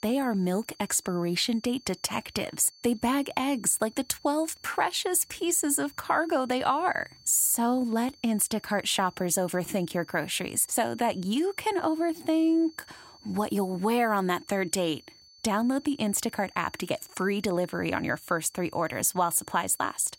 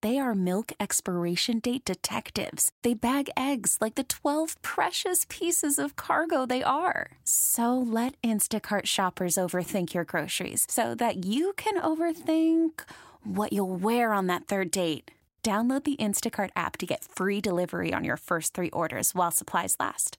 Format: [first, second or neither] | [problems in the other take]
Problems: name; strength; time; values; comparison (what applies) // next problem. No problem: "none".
second | high-pitched whine; faint; throughout; 4.5 kHz, 25 dB below the speech